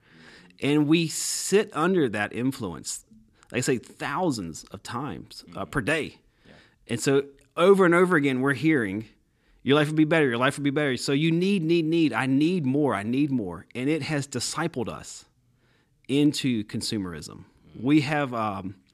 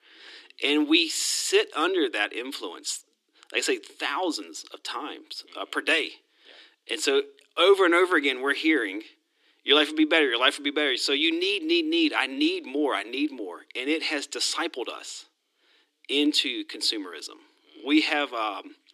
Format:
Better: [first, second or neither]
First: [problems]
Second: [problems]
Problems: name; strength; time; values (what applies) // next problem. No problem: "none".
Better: first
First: none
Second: thin; somewhat; fading below 300 Hz